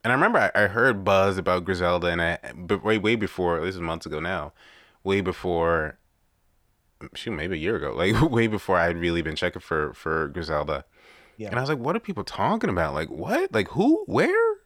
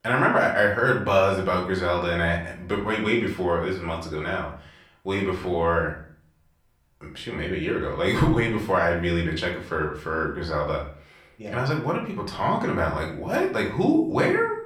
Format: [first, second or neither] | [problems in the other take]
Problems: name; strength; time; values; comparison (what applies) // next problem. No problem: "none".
first | room echo; slight; dies away in 0.4 s // off-mic speech; far